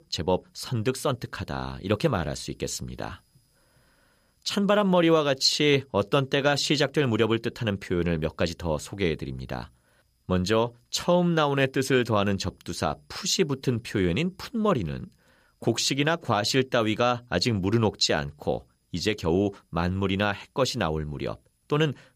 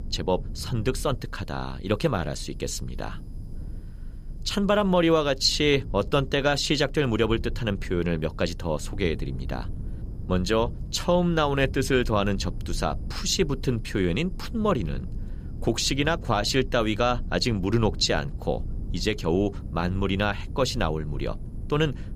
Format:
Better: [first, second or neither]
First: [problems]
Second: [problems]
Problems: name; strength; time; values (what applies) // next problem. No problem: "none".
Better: first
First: none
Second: low rumble; faint; throughout; 25 dB below the speech